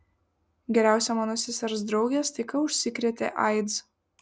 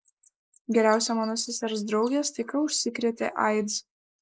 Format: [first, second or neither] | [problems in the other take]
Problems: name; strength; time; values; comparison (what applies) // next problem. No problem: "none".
first | noise reduction (neural mask model Resemble Enhance denoiser)